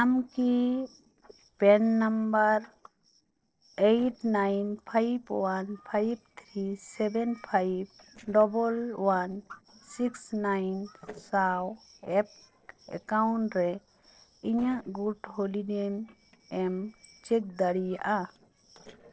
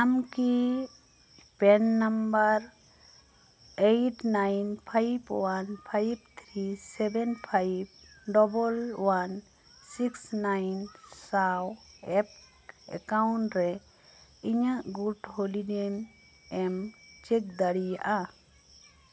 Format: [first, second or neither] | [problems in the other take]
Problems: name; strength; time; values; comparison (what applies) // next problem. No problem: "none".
second | noise reduction (neural separator model SepFormer DNS4)